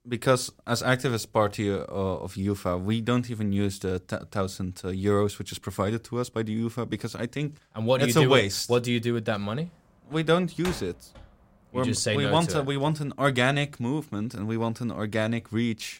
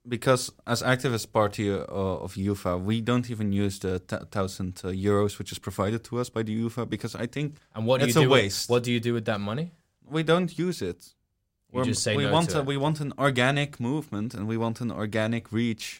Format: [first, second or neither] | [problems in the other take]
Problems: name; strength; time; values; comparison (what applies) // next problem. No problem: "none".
second | door banging; faint; from 10 to 11 s; peak 10 dB below the speech